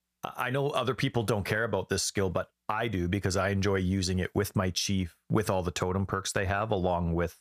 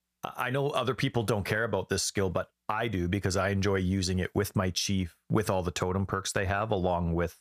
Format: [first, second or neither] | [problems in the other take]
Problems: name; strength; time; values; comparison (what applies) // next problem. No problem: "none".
neither | none